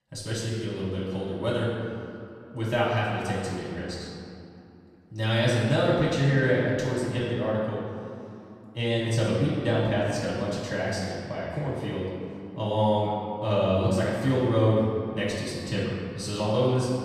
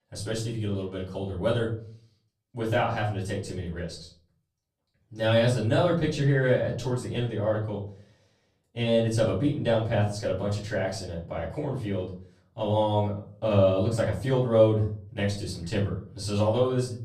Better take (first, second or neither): second